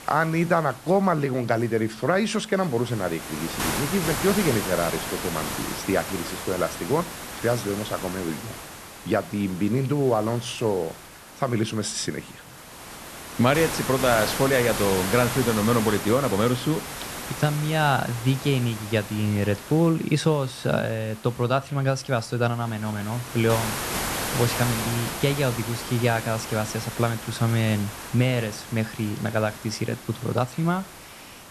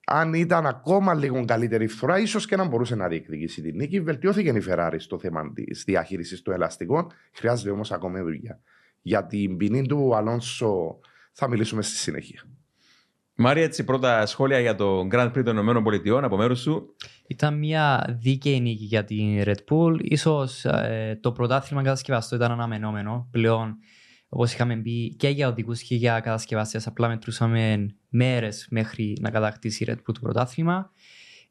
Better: second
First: hiss; loud; throughout; 7 dB below the speech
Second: none

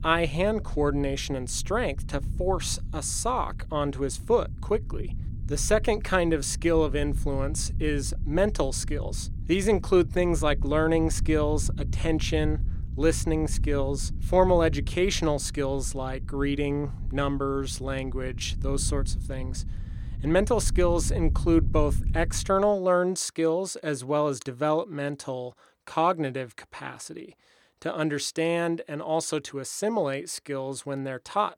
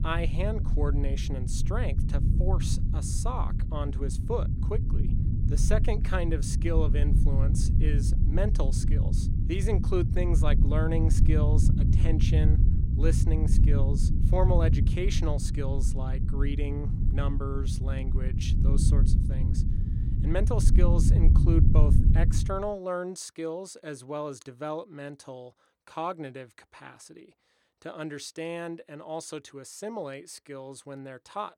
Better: first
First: low rumble; faint; until 23 s; 20 dB below the speech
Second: low rumble; loud; until 23 s; 5 dB below the speech

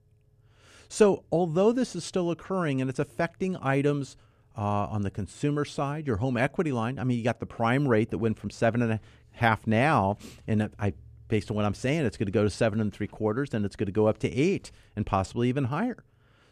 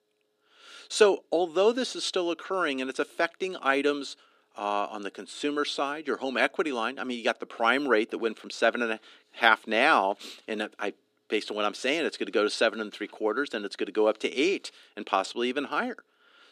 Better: first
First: none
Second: thin; somewhat; fading below 300 Hz

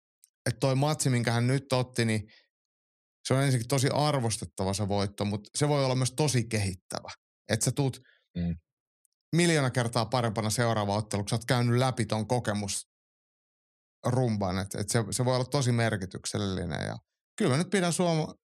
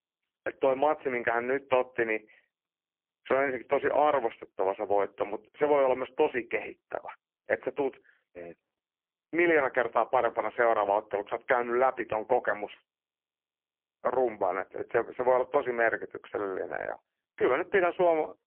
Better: first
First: none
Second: phone-call audio; poor line

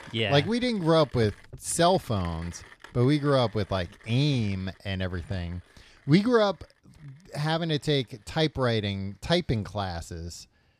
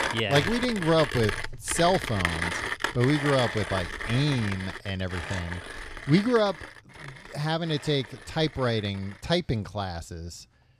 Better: first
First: machinery noise; faint; throughout; 25 dB below the speech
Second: machinery noise; loud; throughout; 5 dB below the speech

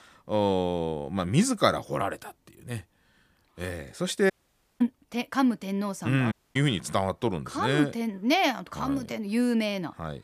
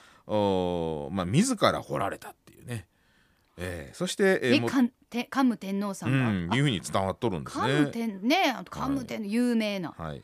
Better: second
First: audio cutting out; at 4.5 s for 0.5 s and at 6.5 s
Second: none

